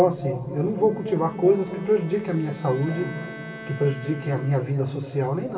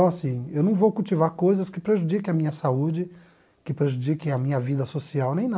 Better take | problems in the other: second | background sound (Bowed string instrument); 19 dB below the speech // room echo; dies away in 2.8 s

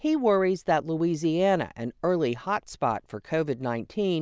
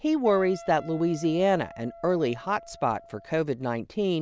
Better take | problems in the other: first | background sound (Wind instrument, woodwind instrument); 20 dB below the speech

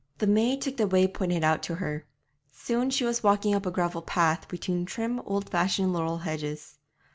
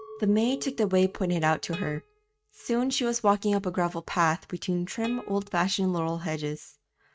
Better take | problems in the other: first | noise reduction (neural mask model RNNoise)

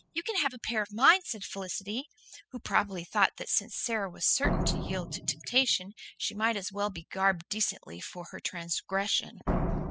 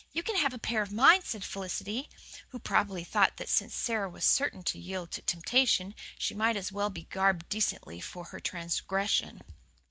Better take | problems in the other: second | noise reduction (classical method spectral subtraction)

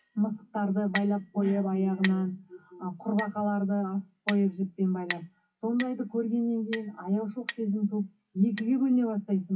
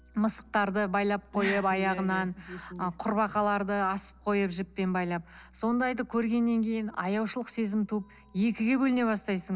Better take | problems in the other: second | noise reduction (classical method WPE with log-MMSE)

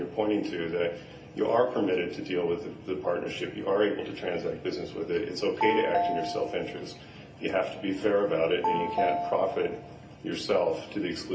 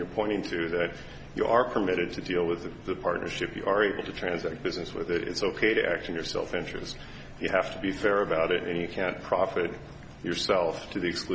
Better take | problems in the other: second | background sound (Telephone); 4 dB below the speech // room echo; dies away in 0.3 s

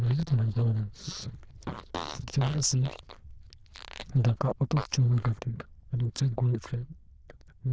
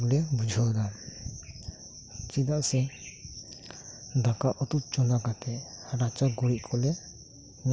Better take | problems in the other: second | noise reduction (neural diffusion model UNIVERSE++)

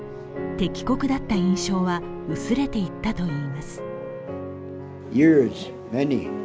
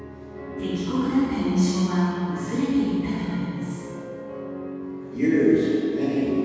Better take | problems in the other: first | room echo; dies away in 2.1 s

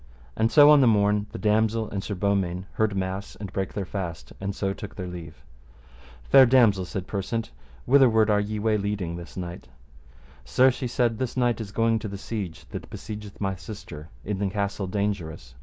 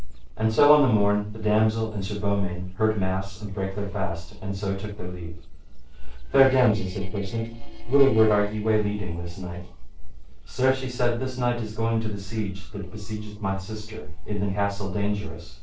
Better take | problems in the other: first | noise reduction (neural separator model SepFormer DNS4)

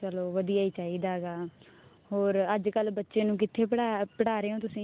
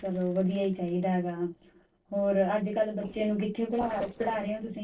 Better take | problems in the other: first | noise reduction (neural separator model SepFormer DNS4)

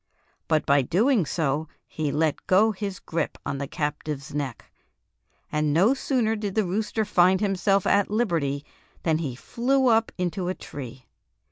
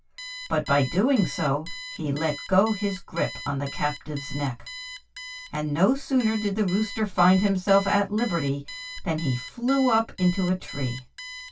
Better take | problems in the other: first | background sound (Alarm); 14 dB below the speech // room echo; dies away in 0.1 s

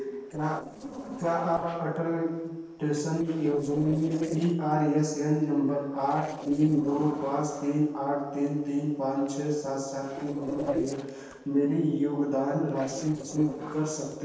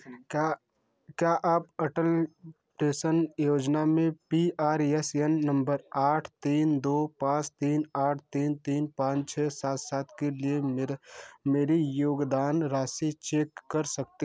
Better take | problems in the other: second | noise reduction (neural separator model SepFormer DNS4)

